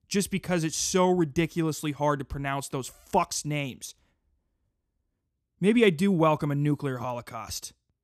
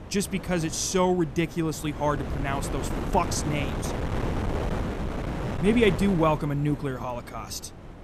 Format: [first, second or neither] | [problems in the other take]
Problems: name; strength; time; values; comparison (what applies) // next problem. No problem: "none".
first | wind noise on the microphone; heavy; 8 dB below the speech